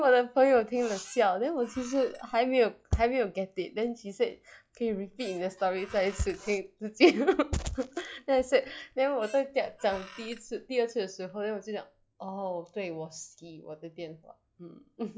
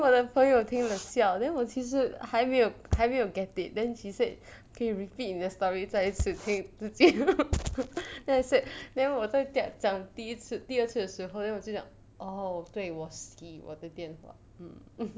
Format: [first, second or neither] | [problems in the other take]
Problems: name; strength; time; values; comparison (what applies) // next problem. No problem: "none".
second | noise reduction (classical method log-MMSE)